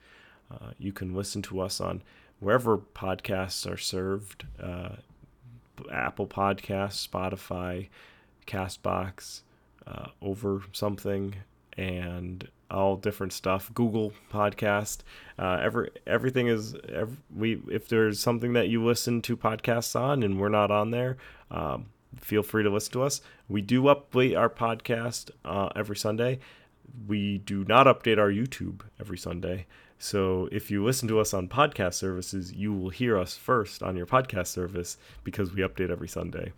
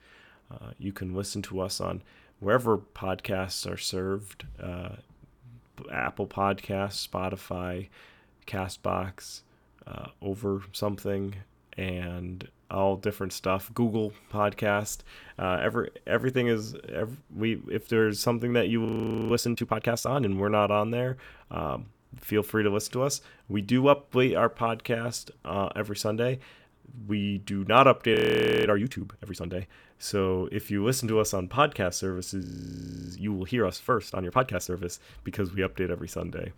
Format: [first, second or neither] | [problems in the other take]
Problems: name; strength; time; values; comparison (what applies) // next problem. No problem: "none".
first | audio freezing; at 19 s, at 28 s for 0.5 s and at 32 s for 0.5 s